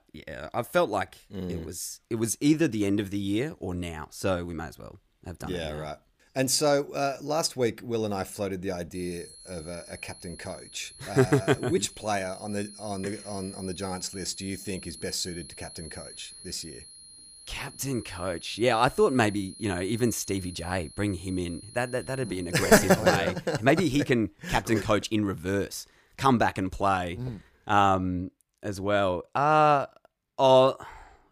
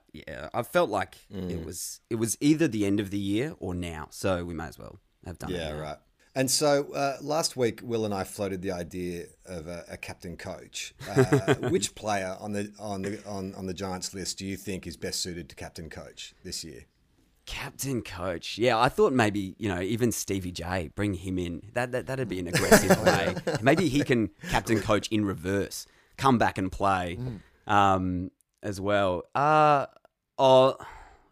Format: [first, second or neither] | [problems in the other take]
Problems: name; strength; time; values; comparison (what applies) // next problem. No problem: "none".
second | high-pitched whine; noticeable; from 9 to 23 s; 4 kHz, 15 dB below the speech